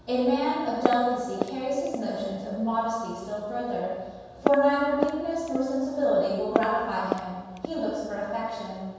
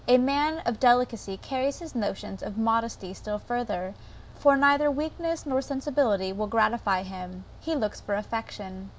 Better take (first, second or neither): second